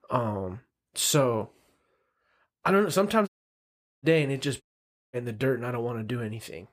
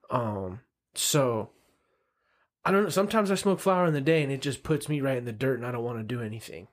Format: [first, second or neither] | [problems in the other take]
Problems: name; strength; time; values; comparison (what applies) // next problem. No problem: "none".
second | audio cutting out; at 3.5 s for 0.5 s and at 4.5 s for 0.5 s